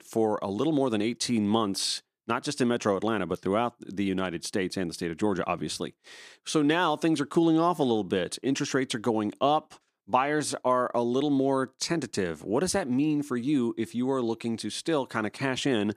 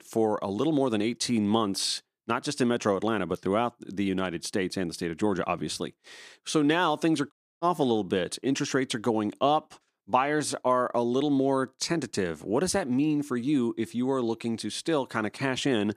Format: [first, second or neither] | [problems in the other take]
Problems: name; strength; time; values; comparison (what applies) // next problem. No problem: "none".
first | audio cutting out; at 7.5 s